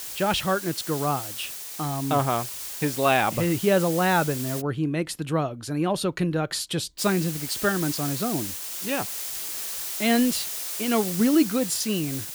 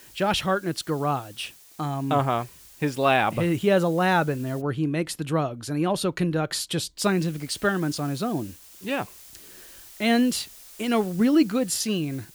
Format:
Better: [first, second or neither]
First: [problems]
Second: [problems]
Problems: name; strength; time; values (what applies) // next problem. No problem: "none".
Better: second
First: hiss; loud; until 4.5 s and from 7 s on; 6 dB below the speech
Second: hiss; faint; until 4.5 s and from 7 s on; 20 dB below the speech